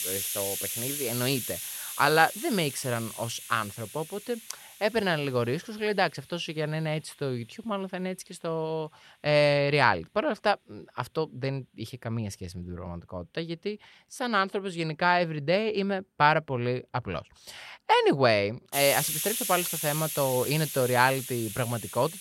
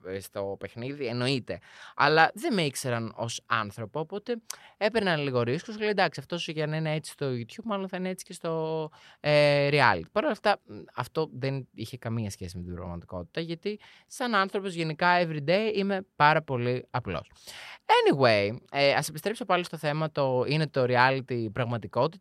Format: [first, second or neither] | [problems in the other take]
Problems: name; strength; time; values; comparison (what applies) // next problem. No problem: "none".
second | hiss; loud; throughout; 5 dB below the speech